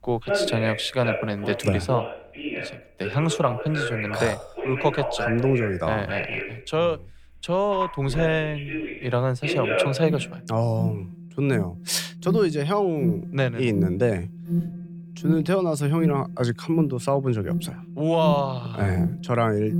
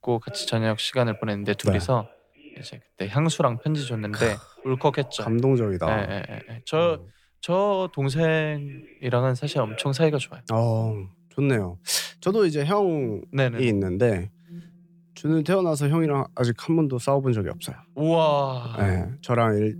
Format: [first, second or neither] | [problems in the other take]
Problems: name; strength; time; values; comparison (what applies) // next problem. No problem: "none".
second | alarms or sirens; loud; throughout; 5 dB below the speech; faint in the second